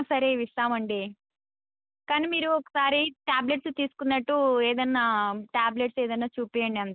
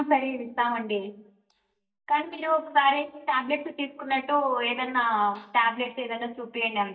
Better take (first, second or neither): first